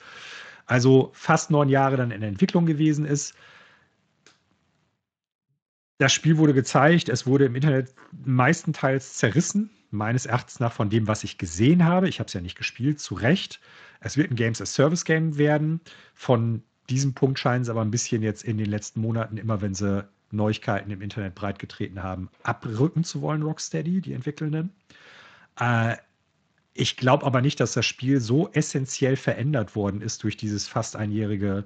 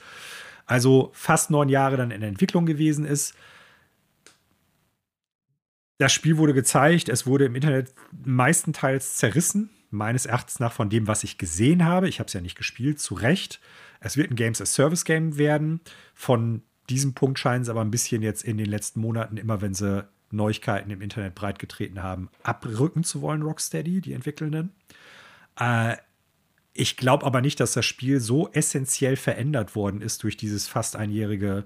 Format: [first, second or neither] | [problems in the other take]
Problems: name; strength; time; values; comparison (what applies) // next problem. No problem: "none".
second | garbled, watery; slightly; nothing above 7.5 kHz